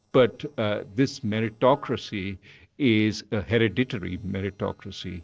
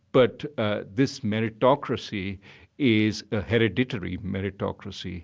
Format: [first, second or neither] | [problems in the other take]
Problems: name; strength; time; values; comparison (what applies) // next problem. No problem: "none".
second | noise reduction (neural separator model SepFormer DNS4)